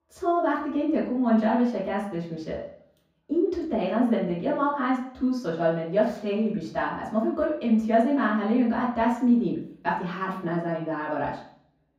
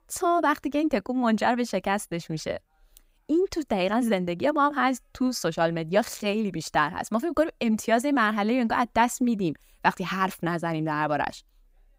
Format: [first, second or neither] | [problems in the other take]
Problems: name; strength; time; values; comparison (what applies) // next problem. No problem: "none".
second | room echo; noticeable; dies away in 0.6 s // off-mic speech; far